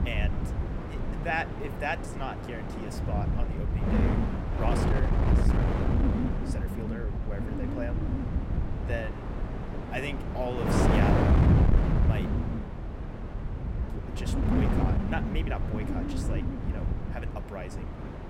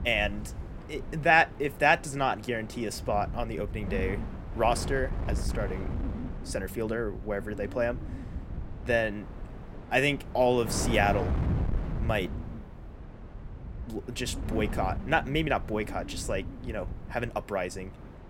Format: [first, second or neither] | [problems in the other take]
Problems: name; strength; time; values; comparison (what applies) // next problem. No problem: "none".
second | wind noise on the microphone; heavy; 1 dB above the speech; occasional gusts in the second